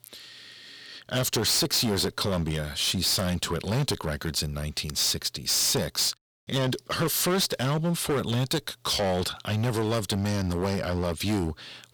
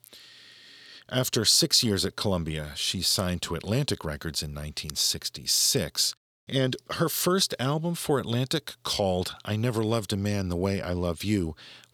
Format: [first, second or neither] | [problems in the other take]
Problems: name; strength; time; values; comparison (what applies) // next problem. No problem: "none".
second | distortion; heavy; 15% of the sound clipped